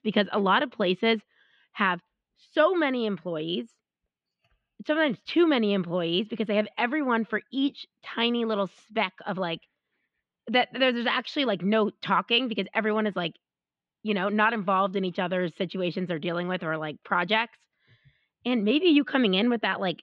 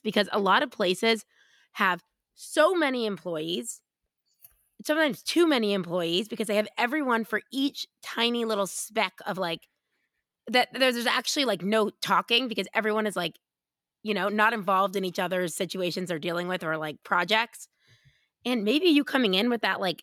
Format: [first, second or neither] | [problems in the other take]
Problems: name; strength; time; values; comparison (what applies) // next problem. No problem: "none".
second | muffled; slightly; fading above 3 kHz